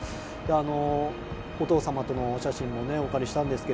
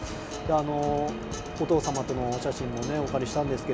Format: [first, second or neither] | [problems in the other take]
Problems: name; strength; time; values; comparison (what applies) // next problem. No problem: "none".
first | background sound (Acoustic guitar); 12 dB below the speech